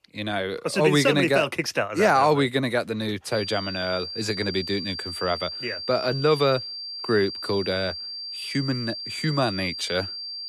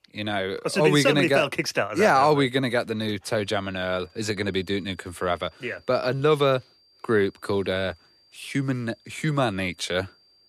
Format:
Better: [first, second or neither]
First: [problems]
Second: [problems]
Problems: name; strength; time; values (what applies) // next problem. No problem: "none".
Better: second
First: high-pitched whine; loud; from 3.5 s on; 4.5 kHz, 7 dB below the speech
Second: high-pitched whine; faint; from 3.5 s on; 4.5 kHz, 35 dB below the speech